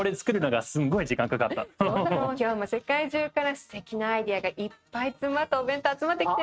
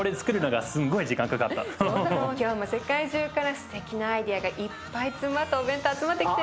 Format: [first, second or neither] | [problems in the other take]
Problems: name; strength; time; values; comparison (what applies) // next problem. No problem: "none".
second | noise reduction (neural mask model RNNoise)